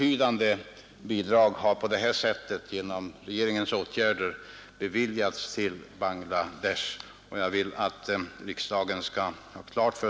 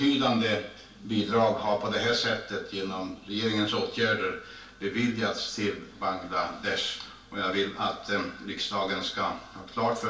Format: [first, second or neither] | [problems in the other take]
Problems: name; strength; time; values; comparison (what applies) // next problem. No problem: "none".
first | room echo; dies away in 0.3 s